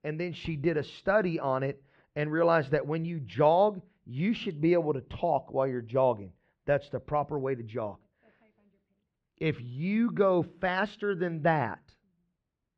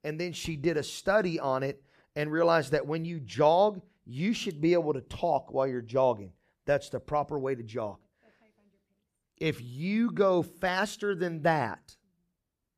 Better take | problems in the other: second | muffled; slightly; fading above 3 kHz

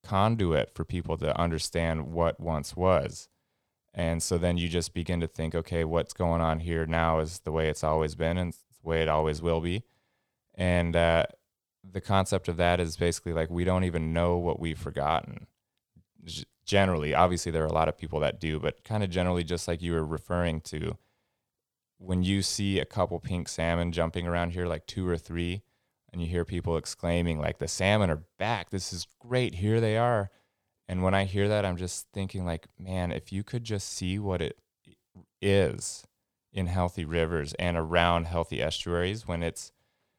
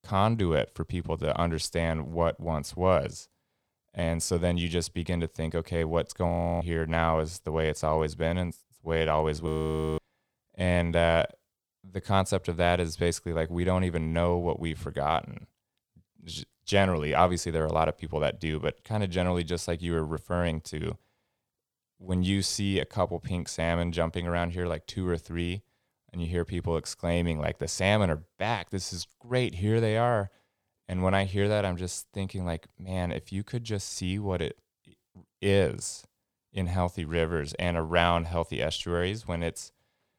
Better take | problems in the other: first | audio freezing; at 6.5 s and at 9.5 s for 0.5 s

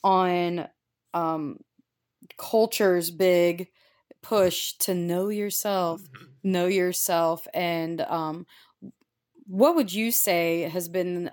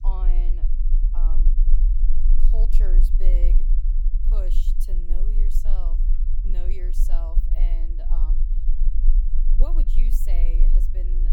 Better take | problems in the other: first | low rumble; loud; throughout; 5 dB below the speech

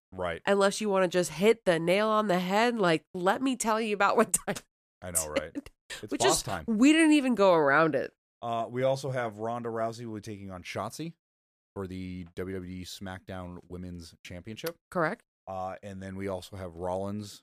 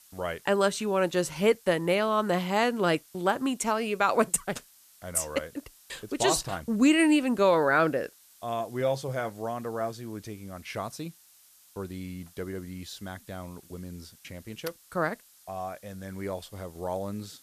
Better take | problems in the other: first | hiss; faint; throughout; 25 dB below the speech

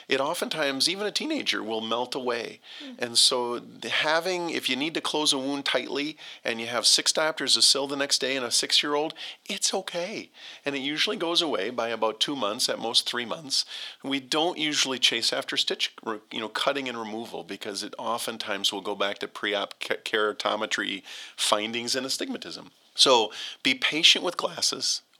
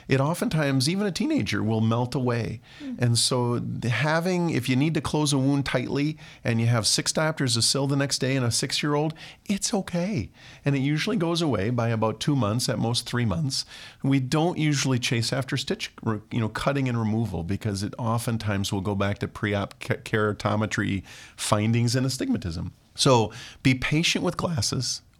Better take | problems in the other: second | thin; somewhat; fading below 350 Hz

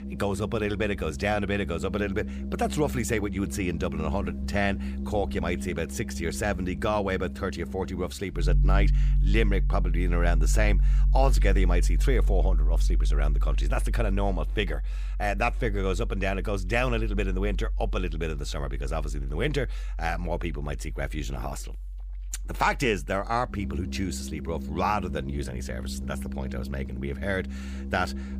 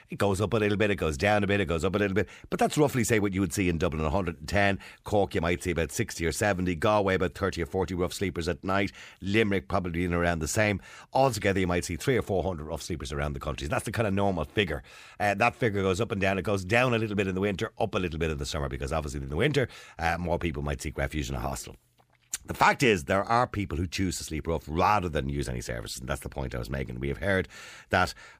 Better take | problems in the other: second | background music; loud; throughout; 1 dB below the speech

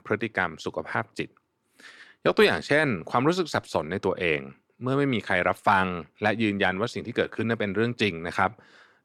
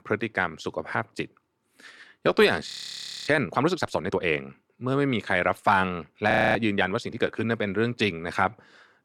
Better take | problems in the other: first | audio freezing; at 2.5 s for 0.5 s and at 6.5 s

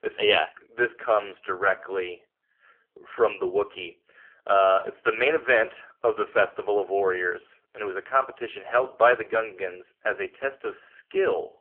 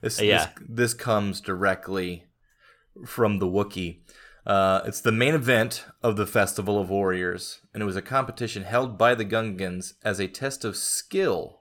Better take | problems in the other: second | phone-call audio; poor line; nothing above 3 kHz

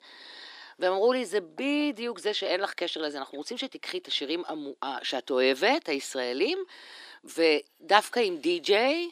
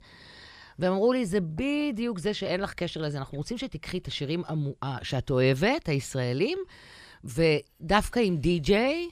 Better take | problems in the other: second | thin; somewhat; fading below 300 Hz

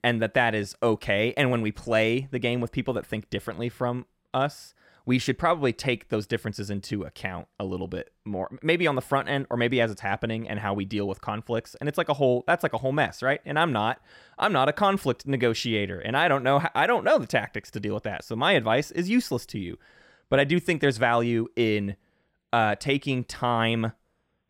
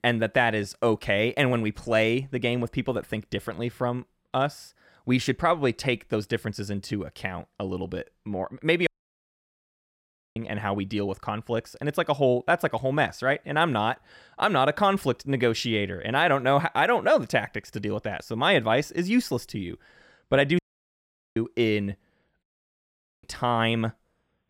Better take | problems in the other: first | audio cutting out; at 9 s for 1.5 s, at 21 s for 1 s and at 22 s for 1 s

